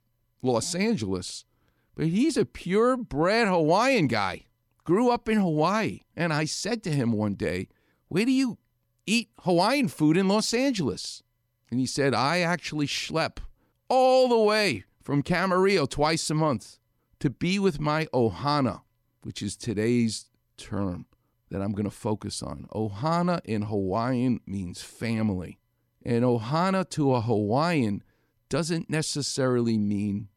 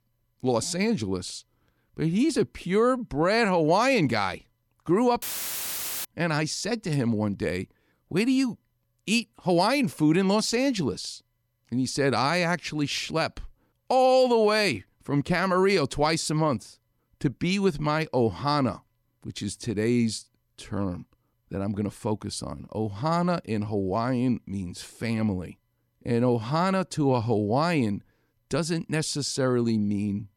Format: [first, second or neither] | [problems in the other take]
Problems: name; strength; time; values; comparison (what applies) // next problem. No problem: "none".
first | audio cutting out; filled with static; at 5 s for 1 s